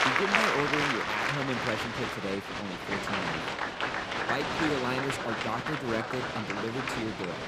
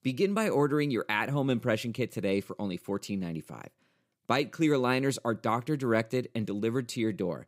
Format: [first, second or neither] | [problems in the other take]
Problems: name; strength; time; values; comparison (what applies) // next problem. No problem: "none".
second | crowd noise; very loud; throughout; 4 dB above the speech